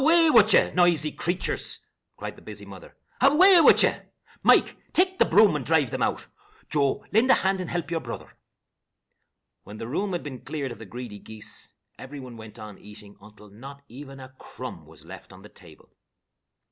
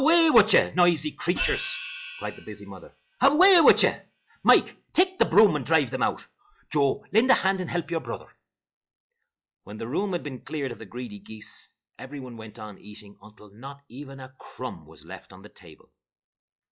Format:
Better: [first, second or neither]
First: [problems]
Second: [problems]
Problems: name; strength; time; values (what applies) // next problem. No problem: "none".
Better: first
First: none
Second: noise reduction (classical method log-MMSE)